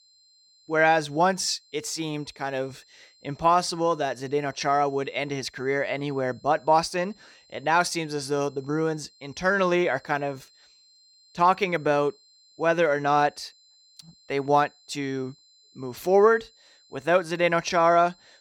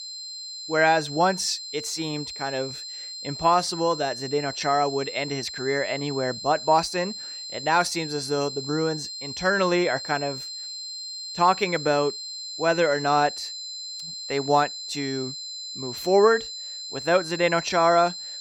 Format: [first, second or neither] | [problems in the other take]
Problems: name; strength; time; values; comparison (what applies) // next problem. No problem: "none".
first | high-pitched whine; loud; throughout; 4 kHz, 9 dB below the speech; faint in the first